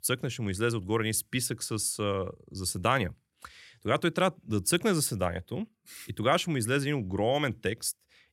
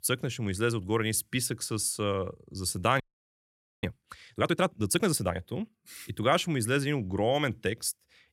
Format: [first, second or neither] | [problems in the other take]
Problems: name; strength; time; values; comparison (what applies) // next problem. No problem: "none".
first | audio freezing; at 3 s for 1 s